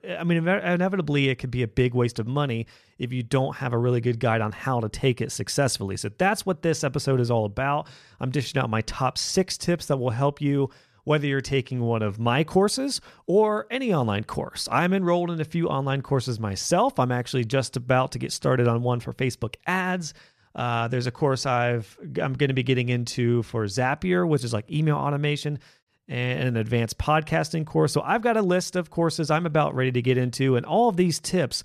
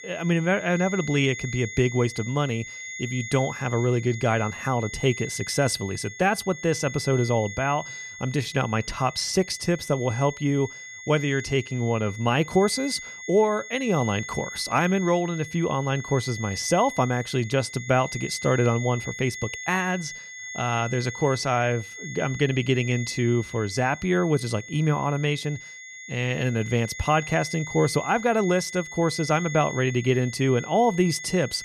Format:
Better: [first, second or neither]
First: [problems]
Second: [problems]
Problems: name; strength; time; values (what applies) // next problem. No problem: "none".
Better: first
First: none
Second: high-pitched whine; noticeable; throughout; 2 kHz, 10 dB below the speech